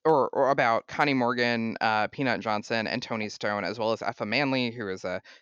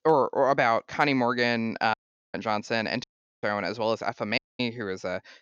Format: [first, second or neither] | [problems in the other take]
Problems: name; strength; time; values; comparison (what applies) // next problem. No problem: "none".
first | audio cutting out; at 2 s, at 3 s and at 4.5 s